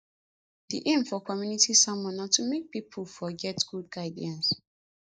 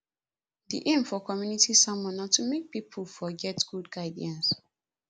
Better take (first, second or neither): second